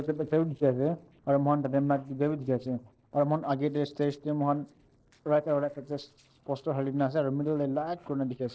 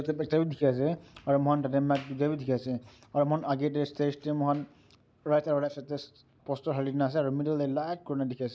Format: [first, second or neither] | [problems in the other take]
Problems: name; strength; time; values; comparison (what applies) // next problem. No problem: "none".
second | noise reduction (neural separator model SepFormer DNS4)